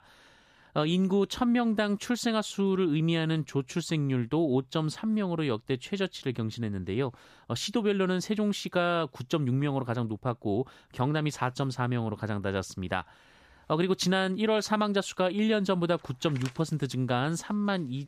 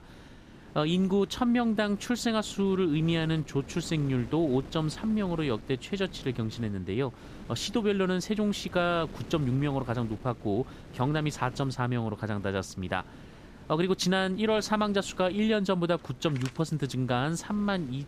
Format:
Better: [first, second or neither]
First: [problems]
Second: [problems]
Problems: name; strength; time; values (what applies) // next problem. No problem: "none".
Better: first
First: none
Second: wind noise on the microphone; occasional gusts; 20 dB below the speech